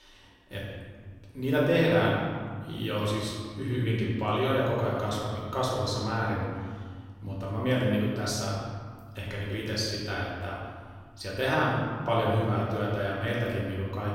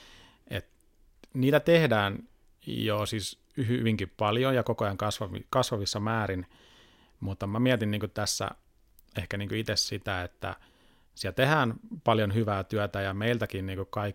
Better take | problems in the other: second | room echo; noticeable; dies away in 1.8 s // off-mic speech; far

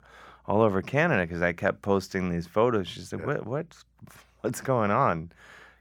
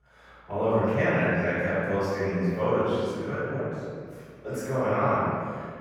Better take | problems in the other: first | off-mic speech; far // room echo; strong; dies away in 1.8 s

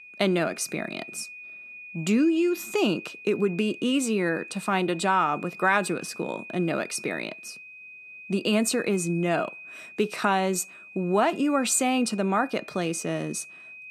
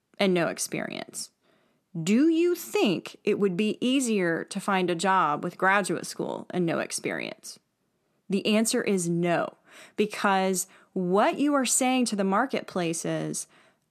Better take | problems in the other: second | high-pitched whine; noticeable; throughout; 2.5 kHz, 15 dB below the speech

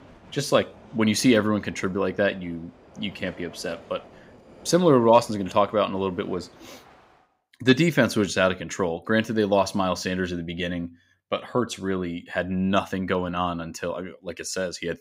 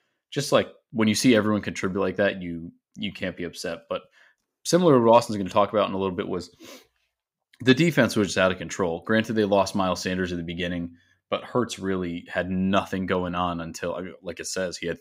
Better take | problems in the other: second | train or aircraft noise; faint; until 7 s; 25 dB below the speech

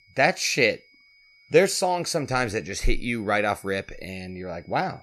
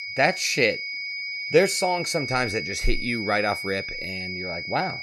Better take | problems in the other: first | high-pitched whine; loud; throughout; 2 kHz, 5 dB below the speech; faint in the first

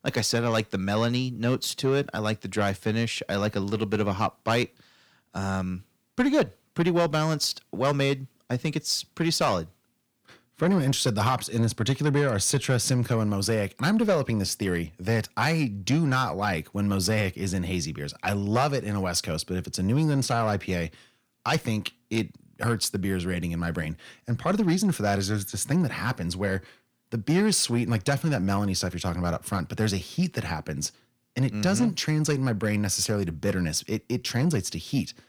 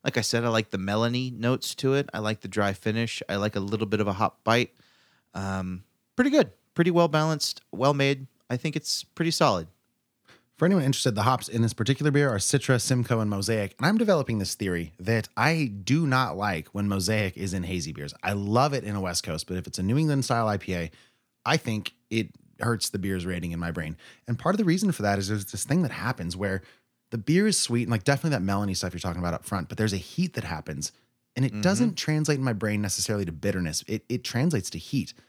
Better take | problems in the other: second | distortion; slight; 10 dB below the speech

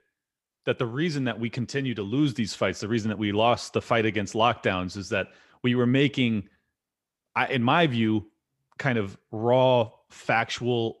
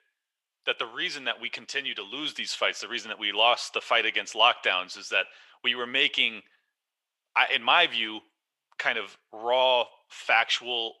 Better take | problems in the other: first | thin; very; fading below 800 Hz

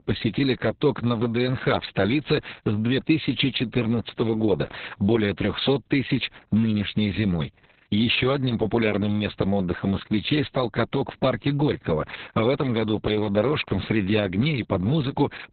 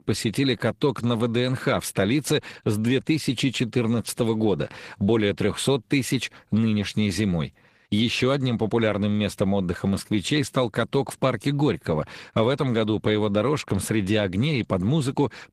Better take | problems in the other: second | garbled, watery; badly; nothing above 4 kHz; slightly in the second

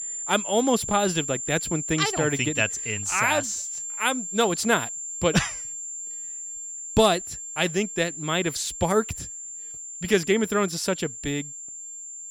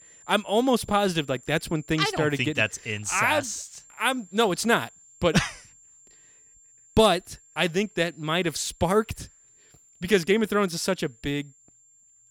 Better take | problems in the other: second | high-pitched whine; loud; throughout; 7.5 kHz, 7 dB below the speech; faint in the second

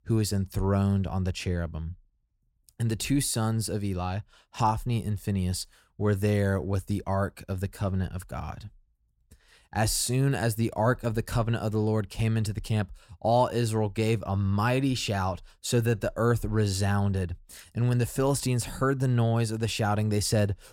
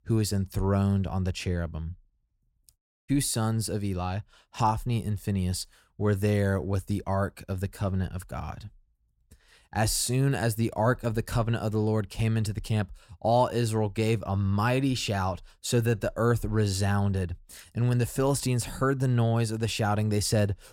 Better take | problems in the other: first | audio cutting out; at 3 s

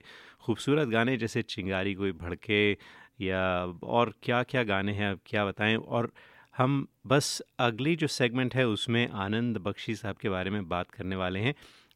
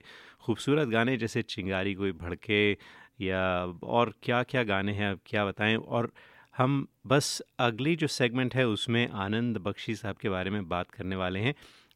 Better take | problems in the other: neither | none

